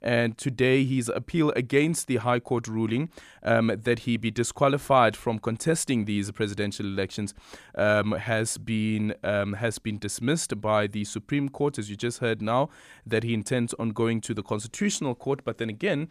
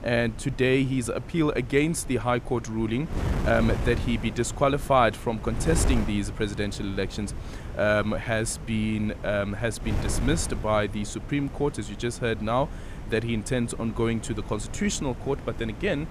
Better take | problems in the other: first | wind noise on the microphone; occasional gusts; 15 dB below the speech

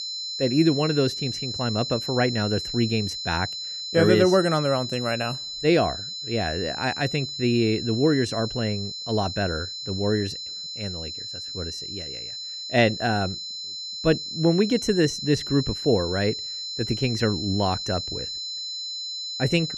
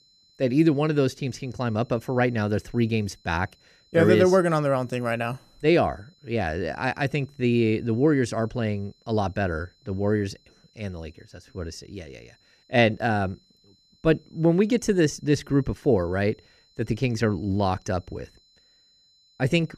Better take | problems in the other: second | high-pitched whine; loud; throughout; 4 kHz, 6 dB below the speech; faint in the second

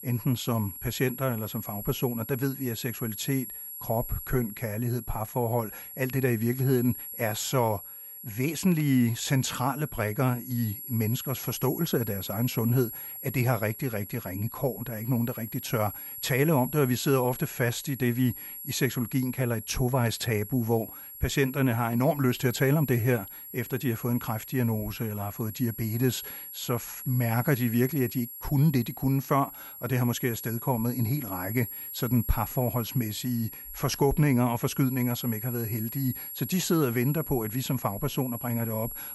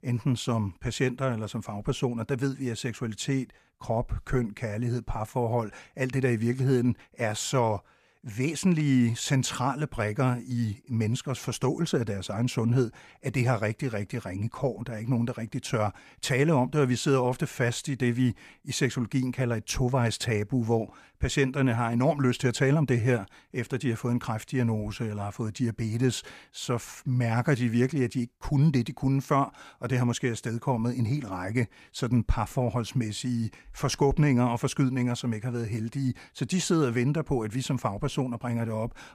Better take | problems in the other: second | high-pitched whine; loud; throughout; 11.5 kHz, 9 dB below the speech

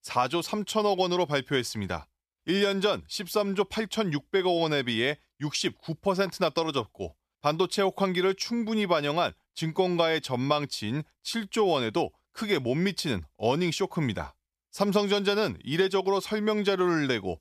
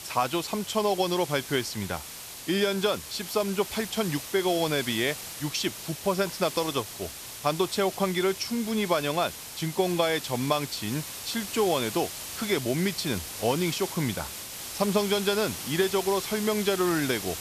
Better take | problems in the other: first | hiss; loud; throughout; 8 dB below the speech

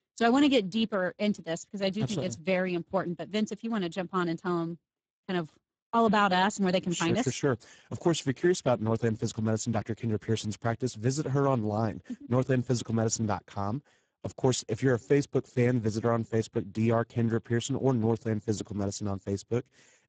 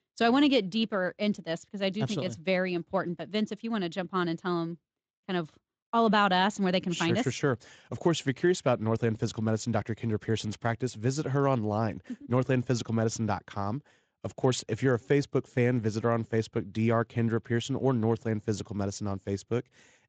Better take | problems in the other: second | garbled, watery; badly; nothing above 7.5 kHz; slightly in the second

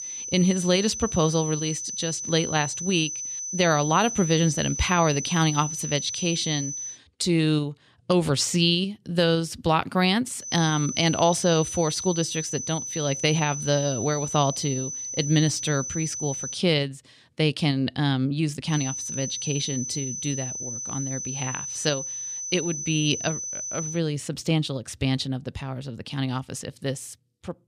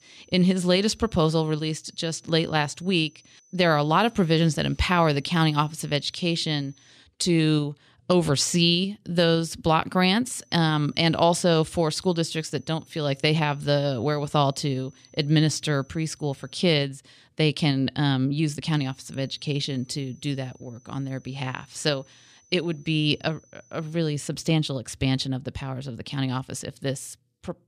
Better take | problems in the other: second | high-pitched whine; loud; until 7 s, from 10 to 17 s and from 19 to 24 s; 6 kHz, 5 dB below the speech; faint in the second

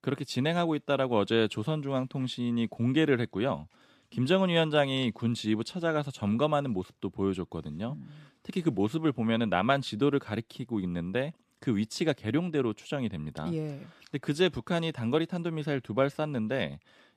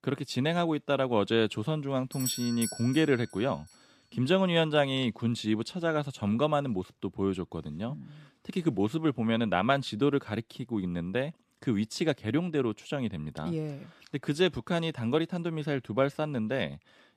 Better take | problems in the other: first | doorbell; noticeable; at 2 s; peak 4 dB below the speech

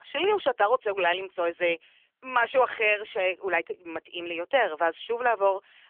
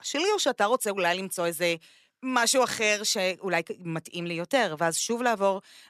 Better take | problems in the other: second | phone-call audio; nothing above 3 kHz

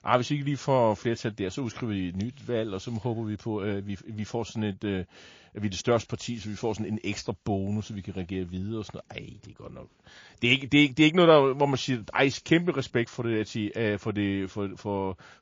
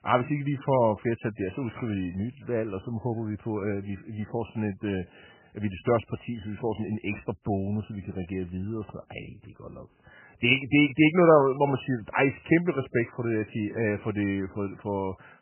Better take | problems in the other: first | garbled, watery; badly; nothing above 3 kHz; slightly in the first

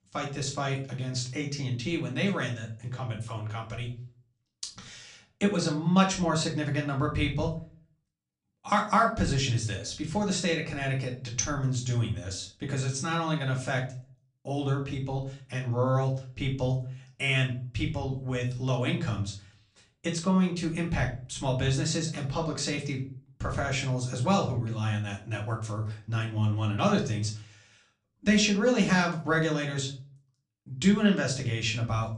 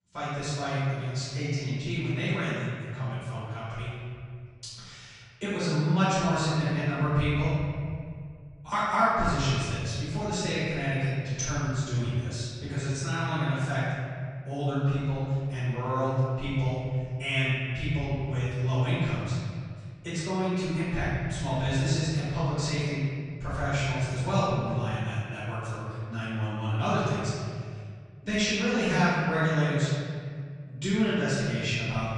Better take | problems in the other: first | room echo; strong; dies away in 2.1 s; slight in the first // off-mic speech; far; far in the first

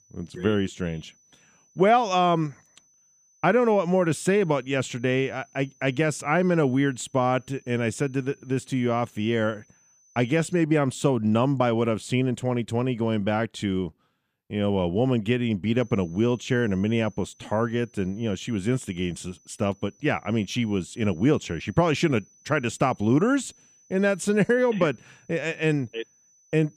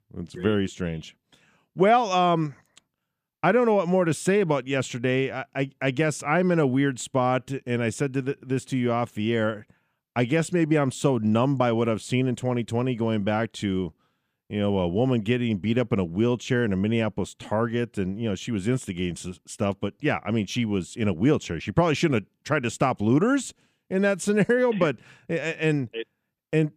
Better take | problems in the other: second | high-pitched whine; faint; until 11 s and from 16 s on; 6 kHz, 30 dB below the speech

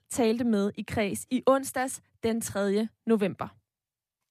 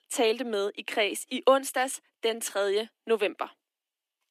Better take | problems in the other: first | thin; somewhat; fading below 300 Hz

